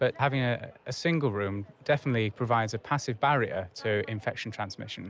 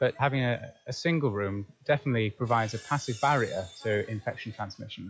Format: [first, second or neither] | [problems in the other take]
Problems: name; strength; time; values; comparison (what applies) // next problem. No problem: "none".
first | noise reduction (classical method log-MMSE)